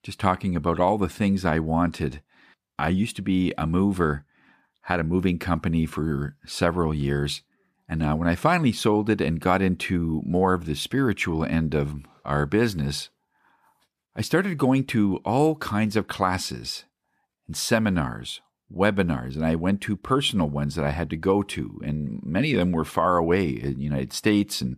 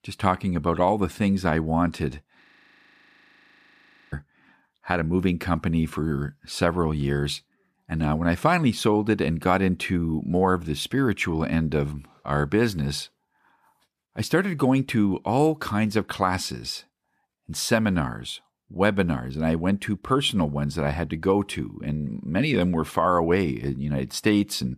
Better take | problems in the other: first | audio freezing; at 2.5 s for 1.5 s

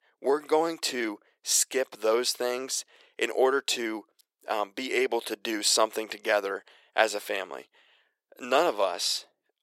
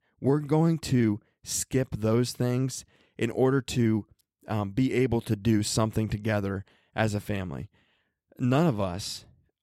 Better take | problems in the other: second | thin; very; fading below 450 Hz

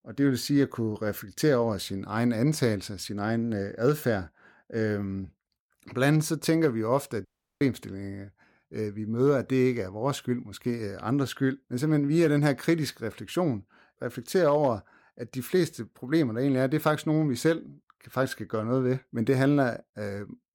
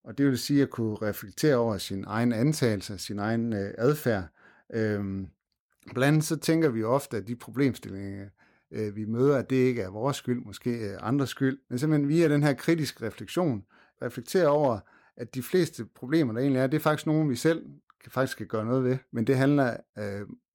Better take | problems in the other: second | audio cutting out; at 7.5 s

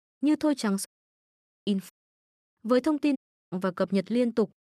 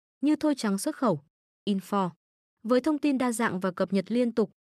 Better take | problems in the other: second | audio cutting out; at 1 s, at 2 s and at 3 s

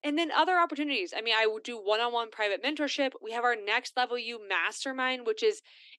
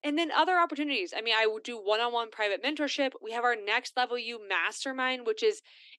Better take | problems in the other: neither | thin; very slightly; fading below 250 Hz; the same in both

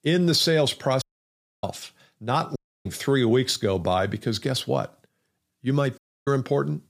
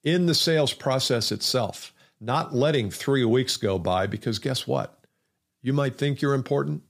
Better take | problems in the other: second | audio cutting out; at 1 s for 0.5 s, at 2.5 s and at 6 s

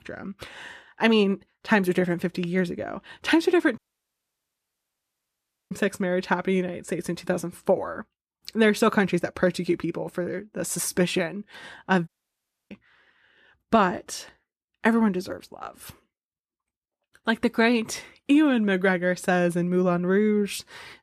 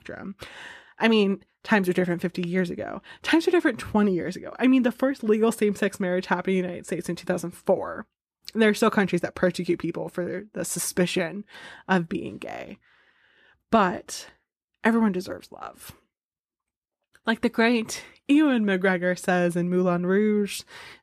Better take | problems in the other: second | audio cutting out; at 4 s for 2 s and at 12 s for 0.5 s

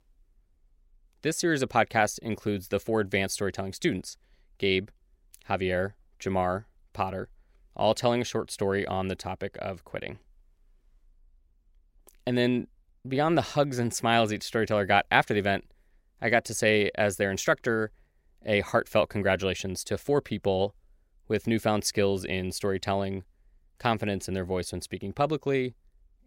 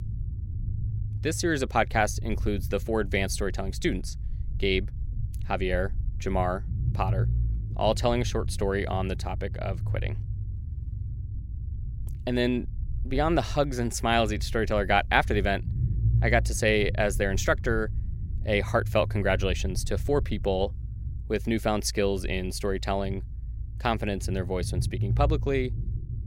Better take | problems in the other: first | low rumble; faint; throughout; 20 dB below the speech

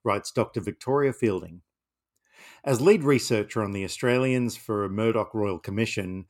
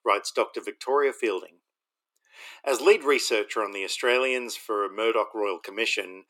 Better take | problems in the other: first | thin; very; fading below 350 Hz

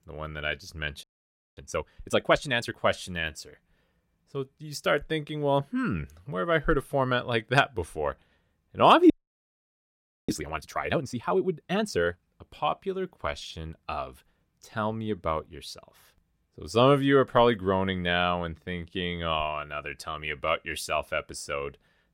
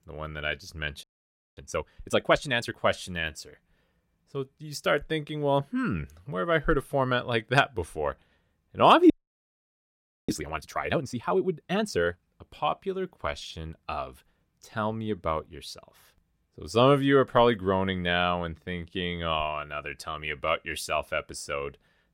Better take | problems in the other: neither | audio freezing; at 1 s for 0.5 s and at 9 s for 1 s; the same in both

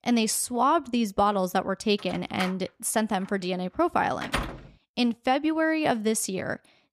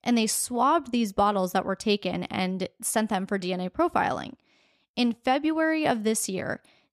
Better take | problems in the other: second | door banging; noticeable; from 2.5 to 4.5 s; peak 5 dB below the speech

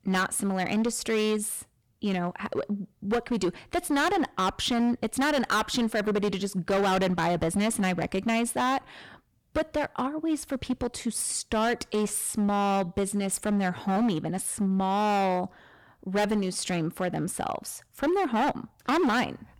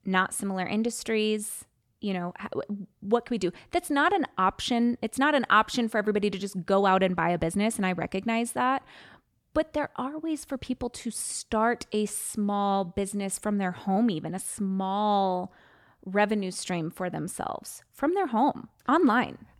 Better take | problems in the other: second | distortion; heavy; 14% of the sound clipped

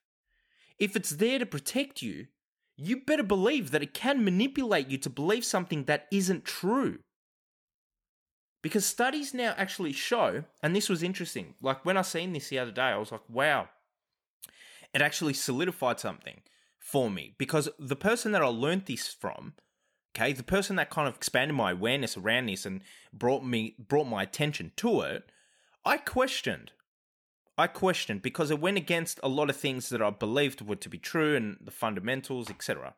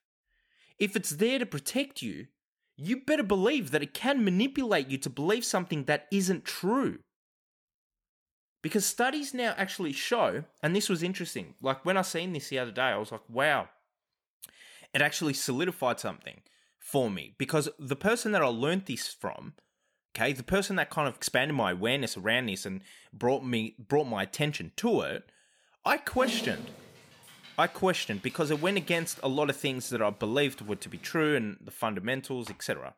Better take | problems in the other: first | dog barking; noticeable; from 26 to 29 s; peak 5 dB below the speech

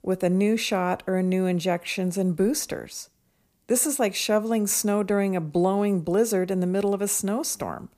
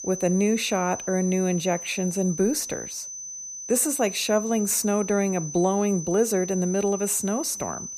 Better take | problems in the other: first | high-pitched whine; loud; throughout; 6 kHz, 9 dB below the speech

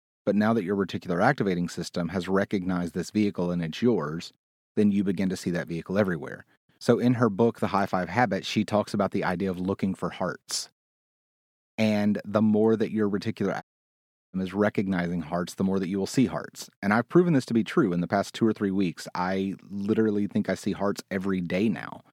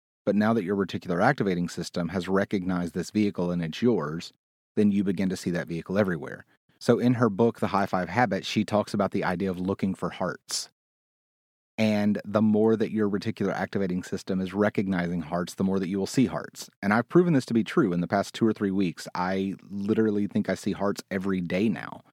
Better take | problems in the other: second | audio cutting out; at 14 s for 0.5 s

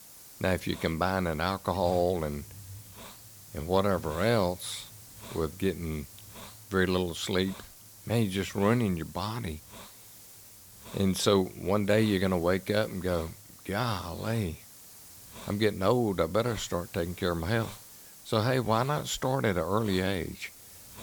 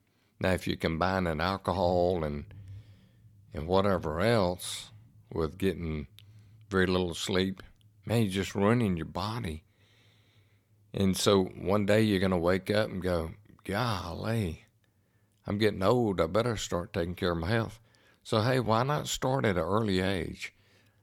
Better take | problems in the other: second | hiss; noticeable; throughout; 20 dB below the speech

